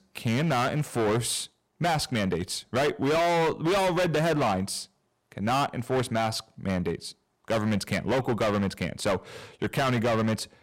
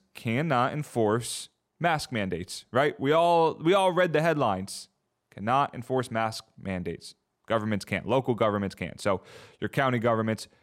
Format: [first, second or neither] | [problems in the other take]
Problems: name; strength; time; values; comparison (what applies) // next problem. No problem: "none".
second | distortion; heavy; 19% of the sound clipped